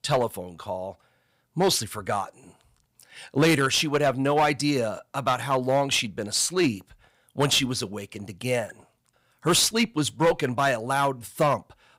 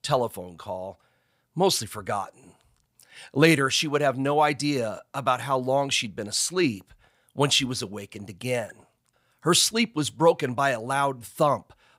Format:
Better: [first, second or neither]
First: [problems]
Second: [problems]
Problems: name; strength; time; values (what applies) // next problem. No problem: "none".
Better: second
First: distortion; slight; 4% of the sound clipped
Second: none